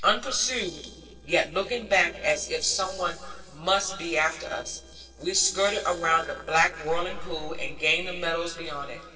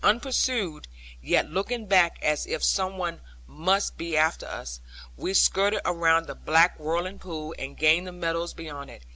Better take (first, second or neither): second